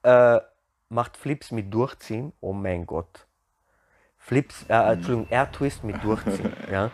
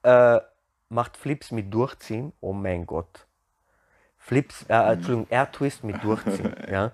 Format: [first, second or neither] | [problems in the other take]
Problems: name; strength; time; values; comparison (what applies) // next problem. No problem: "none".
second | traffic noise; very faint; from 5 s on; 20 dB below the speech